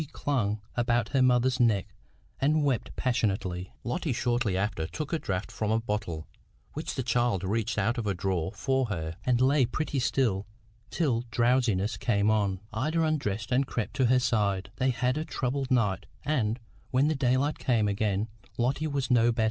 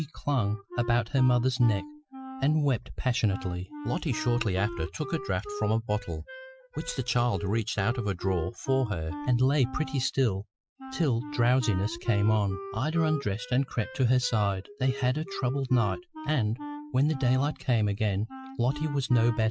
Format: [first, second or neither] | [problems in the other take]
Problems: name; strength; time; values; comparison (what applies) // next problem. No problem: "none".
first | noise reduction (classical method Wiener filter)